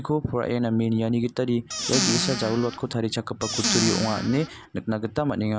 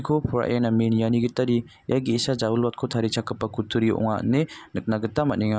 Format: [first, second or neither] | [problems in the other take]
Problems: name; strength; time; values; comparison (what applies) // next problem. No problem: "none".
second | background sound (Squeak / Cupboard open or close); 2 dB below the speech